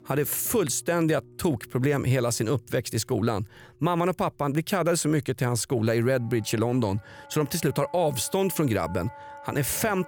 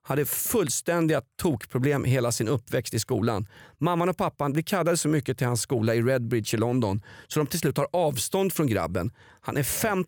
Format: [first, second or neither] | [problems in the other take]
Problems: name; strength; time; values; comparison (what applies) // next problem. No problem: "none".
second | background music; faint; throughout; 25 dB below the speech